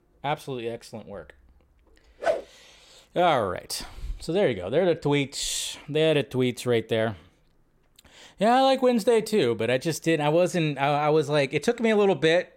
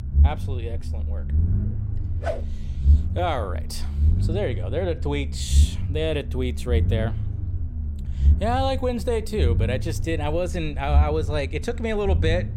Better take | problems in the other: first | low rumble; noticeable; throughout; 15 dB below the speech

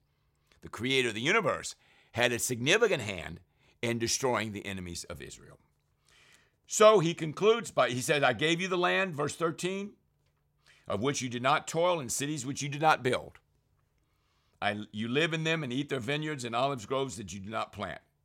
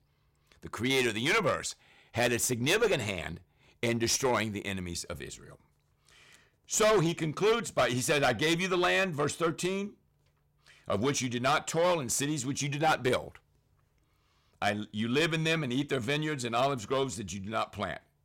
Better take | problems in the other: first | distortion; heavy; 6% of the sound clipped

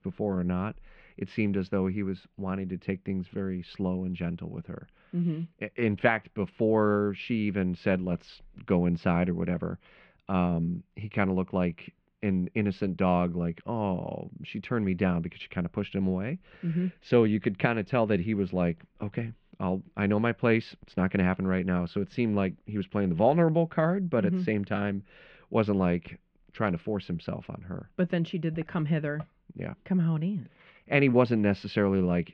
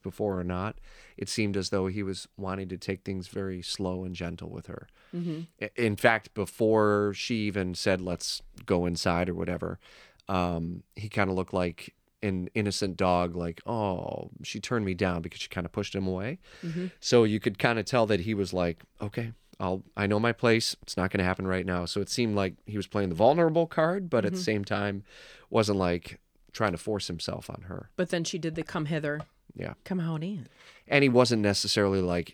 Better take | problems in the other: second | muffled; very; fading above 2.5 kHz

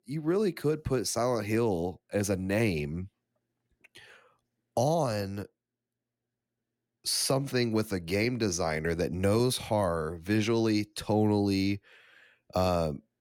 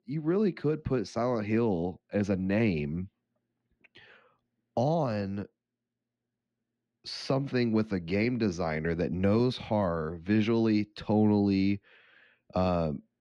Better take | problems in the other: first | muffled; very slightly; fading above 4 kHz

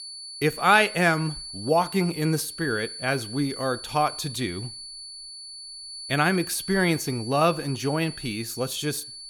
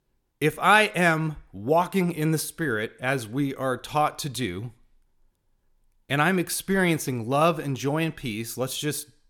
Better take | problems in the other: second | high-pitched whine; noticeable; throughout; 4.5 kHz, 10 dB below the speech

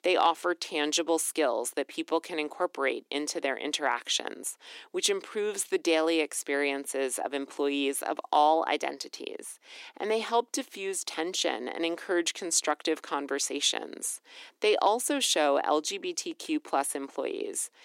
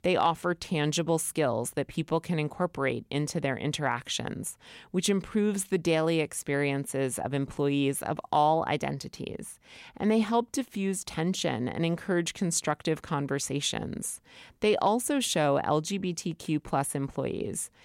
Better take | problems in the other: second | thin; somewhat; fading below 300 Hz

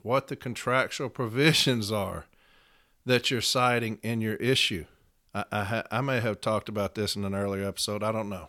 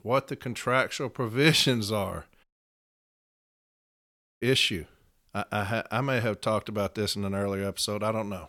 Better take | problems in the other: first | audio cutting out; at 2.5 s for 2 s

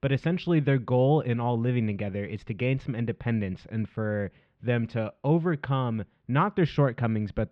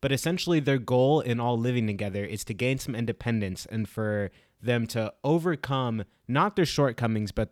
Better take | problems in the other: second | muffled; very; fading above 3 kHz

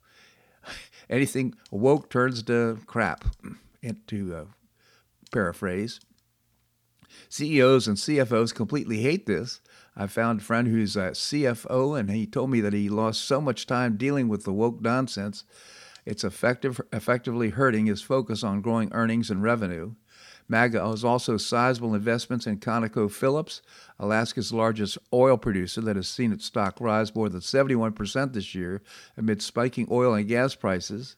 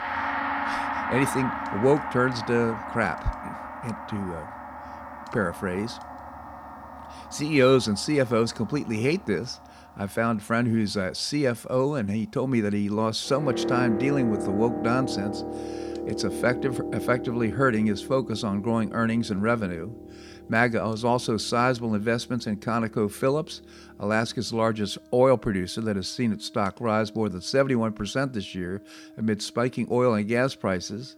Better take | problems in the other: first | background music; loud; throughout; 8 dB below the speech

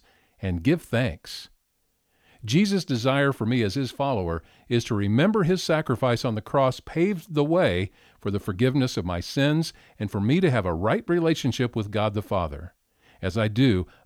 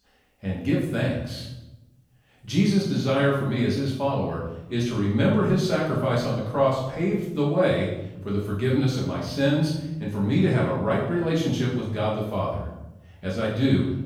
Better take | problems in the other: first | off-mic speech; far // room echo; noticeable; dies away in 0.8 s

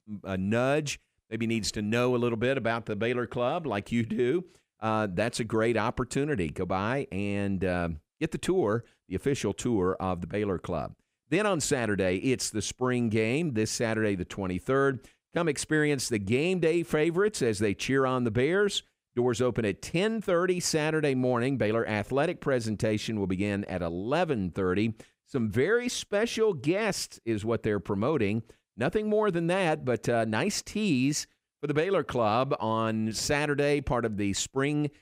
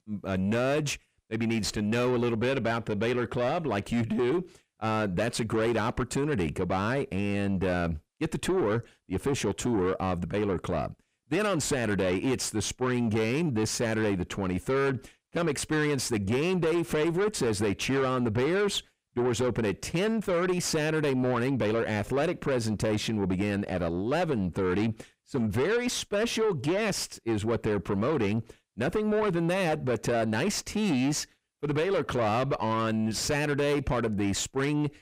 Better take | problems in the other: first | distortion; slight; 10 dB below the speech

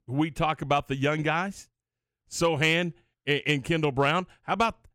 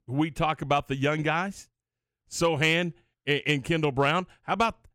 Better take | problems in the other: neither | none

